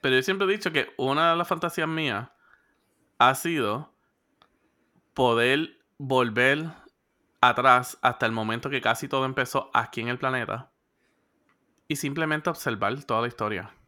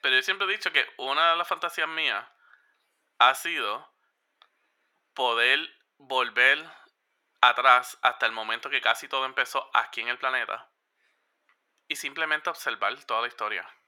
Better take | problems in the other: first | thin; very; fading below 650 Hz

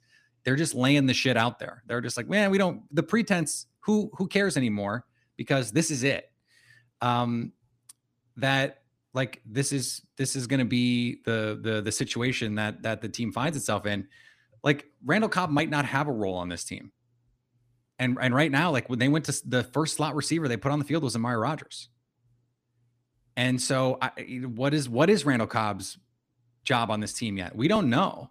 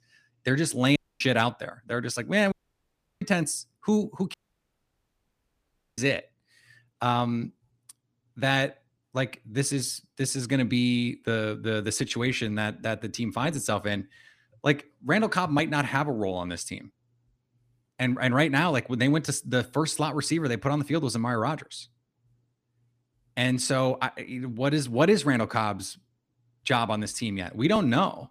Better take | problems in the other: first | audio cutting out; at 1 s, at 2.5 s for 0.5 s and at 4.5 s for 1.5 s

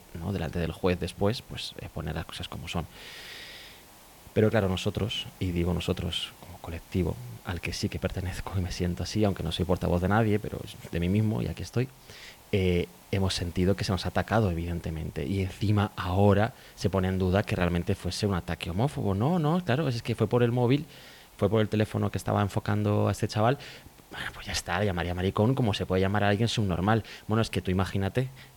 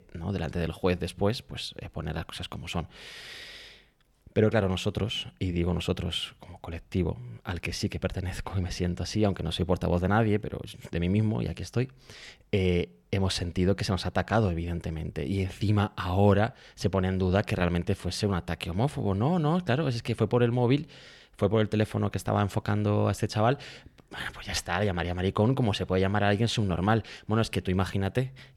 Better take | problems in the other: second | hiss; faint; throughout; 25 dB below the speech

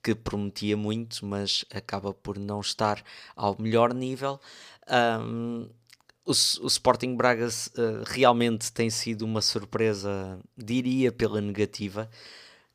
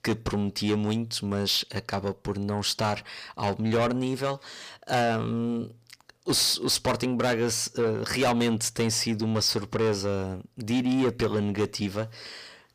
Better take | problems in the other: first | distortion; heavy; 6 dB below the speech

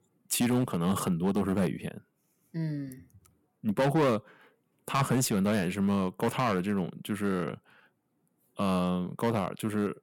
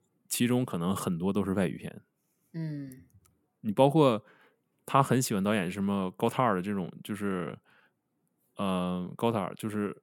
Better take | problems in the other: second | distortion; heavy; 5% of the sound clipped

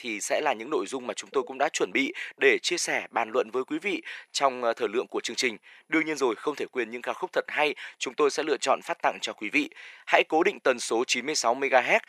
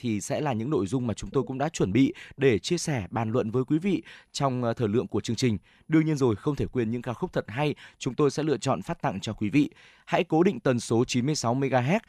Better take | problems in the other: second | thin; very; fading below 450 Hz

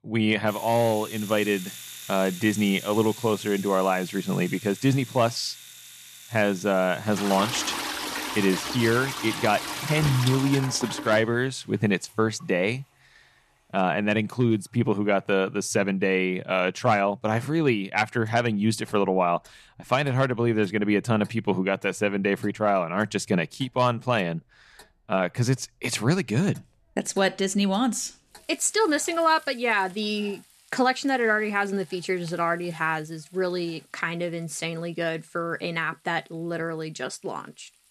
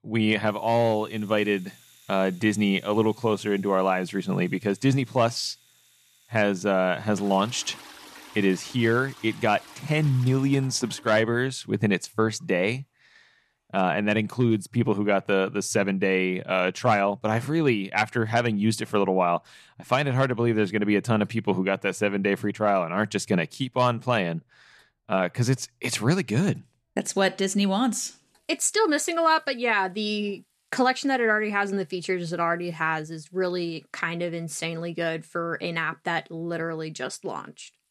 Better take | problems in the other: second | household noises; loud; throughout; 9 dB below the speech; faint in the second

